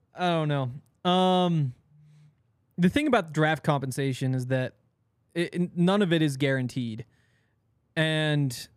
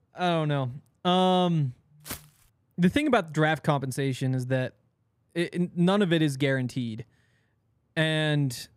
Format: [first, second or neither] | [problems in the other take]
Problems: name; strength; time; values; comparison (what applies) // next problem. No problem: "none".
first | footsteps; faint; at 2 s; peak 15 dB below the speech